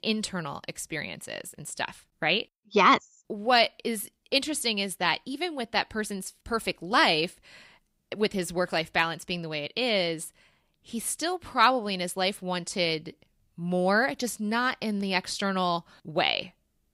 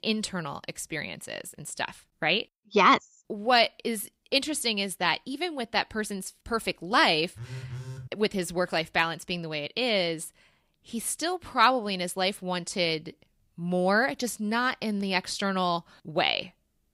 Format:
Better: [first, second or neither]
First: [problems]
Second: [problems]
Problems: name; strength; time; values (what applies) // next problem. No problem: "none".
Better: first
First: none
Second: phone ringing; faint; at 7.5 s; peak 10 dB below the speech